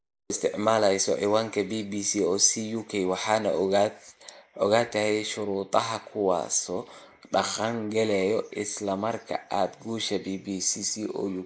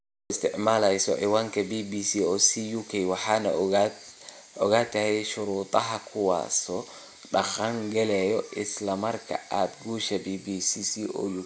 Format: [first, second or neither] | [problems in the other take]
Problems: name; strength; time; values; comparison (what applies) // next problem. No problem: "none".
second | noise reduction (neural mask model Resemble Enhance denoiser)